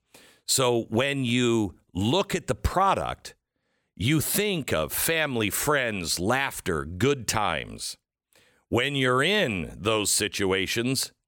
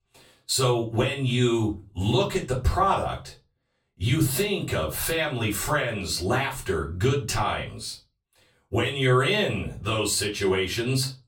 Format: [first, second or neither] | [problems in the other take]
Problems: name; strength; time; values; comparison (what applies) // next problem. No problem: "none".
first | off-mic speech; far // room echo; very slight; dies away in 0.3 s